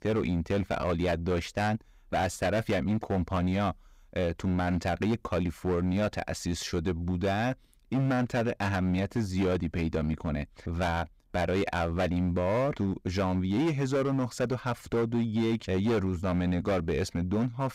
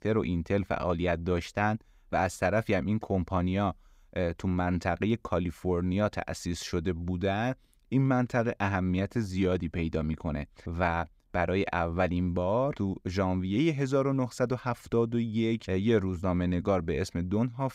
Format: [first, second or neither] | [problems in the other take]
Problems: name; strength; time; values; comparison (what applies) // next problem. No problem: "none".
second | distortion; slight; 12% of the sound clipped